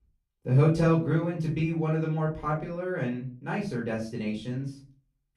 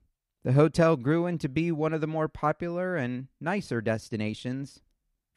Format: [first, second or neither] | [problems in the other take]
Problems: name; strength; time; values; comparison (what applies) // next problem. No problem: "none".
second | off-mic speech; far // room echo; slight; dies away in 0.3 s